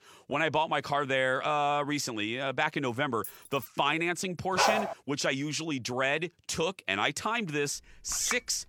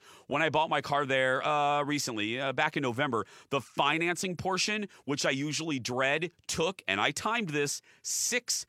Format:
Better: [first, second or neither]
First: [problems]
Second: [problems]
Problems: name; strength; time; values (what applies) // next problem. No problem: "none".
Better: second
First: jangling keys; faint; at 3 s; peak 15 dB below the speech // dog barking; loud; at 4.5 s; peak 3 dB above the speech // clattering dishes; noticeable; at 8 s; peak 6 dB below the speech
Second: none